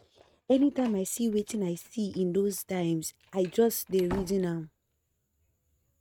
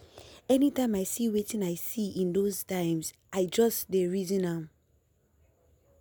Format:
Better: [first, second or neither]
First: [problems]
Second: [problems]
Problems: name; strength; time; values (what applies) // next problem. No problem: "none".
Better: second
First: noise reduction (neural mask model RNNoise)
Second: none